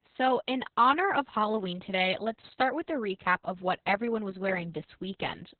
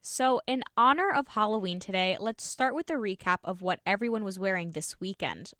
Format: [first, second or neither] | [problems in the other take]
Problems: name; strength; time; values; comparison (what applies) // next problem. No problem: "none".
second | garbled, watery; badly; nothing above 4 kHz; slightly in the second